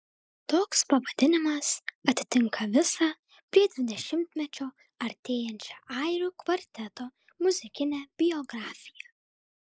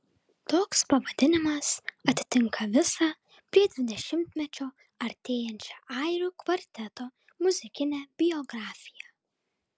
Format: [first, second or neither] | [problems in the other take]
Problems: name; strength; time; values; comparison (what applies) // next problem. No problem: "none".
second | noise reduction (neural mask model Resemble Enhance denoiser)